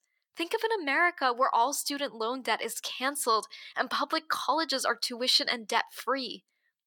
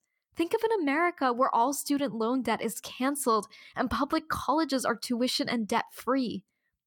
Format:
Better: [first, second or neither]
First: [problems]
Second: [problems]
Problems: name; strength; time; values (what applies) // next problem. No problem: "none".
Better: second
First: thin; somewhat; fading below 450 Hz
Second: none